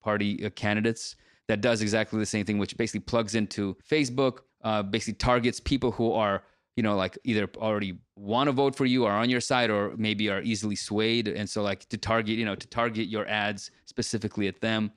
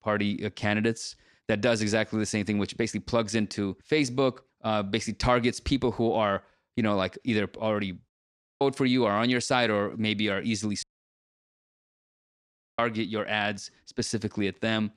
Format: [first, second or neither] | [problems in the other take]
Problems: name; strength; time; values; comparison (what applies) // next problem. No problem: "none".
first | audio cutting out; at 8 s for 0.5 s and at 11 s for 2 s